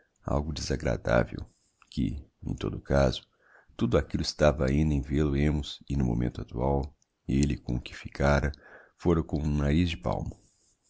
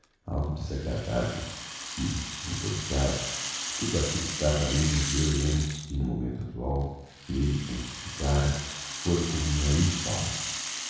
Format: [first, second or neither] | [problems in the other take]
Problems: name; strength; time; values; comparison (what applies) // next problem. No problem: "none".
first | background sound (Rattle (instrument)); 7 dB below the speech // room echo; dies away in 1.1 s